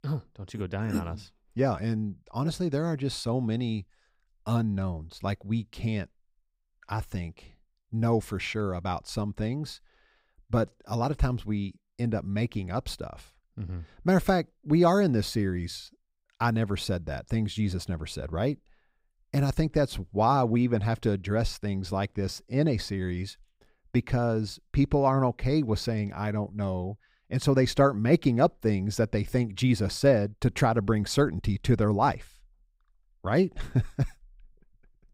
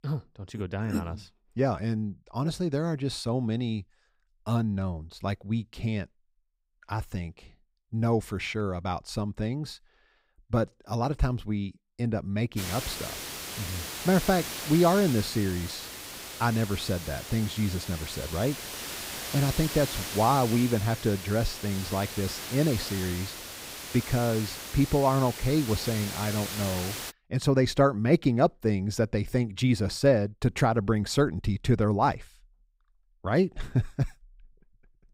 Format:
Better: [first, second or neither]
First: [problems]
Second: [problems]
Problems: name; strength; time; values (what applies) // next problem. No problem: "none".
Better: first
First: none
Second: hiss; loud; from 13 to 27 s; 8 dB below the speech